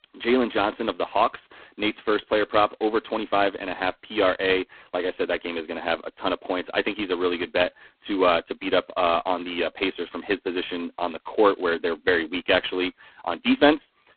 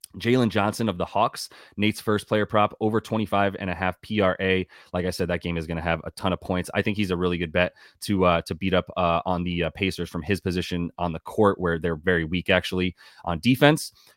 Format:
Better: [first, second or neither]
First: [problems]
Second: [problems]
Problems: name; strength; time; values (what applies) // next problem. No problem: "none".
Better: second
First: phone-call audio; poor line; nothing above 4 kHz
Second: none